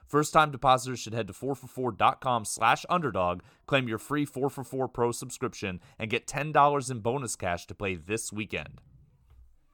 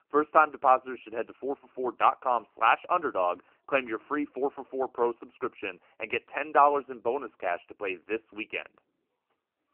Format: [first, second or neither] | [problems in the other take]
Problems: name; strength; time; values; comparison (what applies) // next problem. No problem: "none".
first | phone-call audio; poor line; nothing above 3 kHz